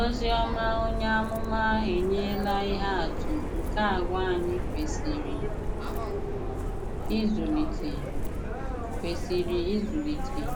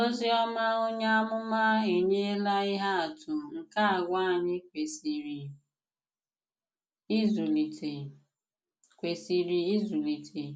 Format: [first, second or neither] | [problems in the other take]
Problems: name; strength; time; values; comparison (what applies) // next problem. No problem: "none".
second | background sound (Subway, metro, underground); as loud as the speech